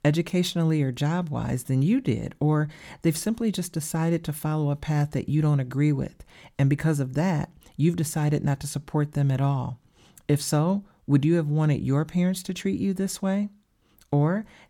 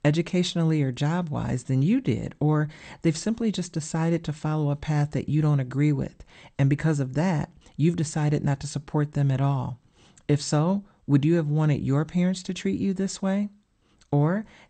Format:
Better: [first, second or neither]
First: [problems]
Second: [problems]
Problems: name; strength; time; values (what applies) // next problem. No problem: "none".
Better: first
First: none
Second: garbled, watery; slightly; nothing above 8.5 kHz